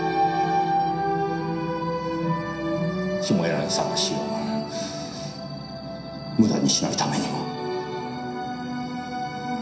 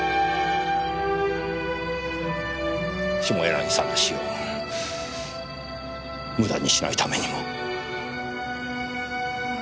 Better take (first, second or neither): second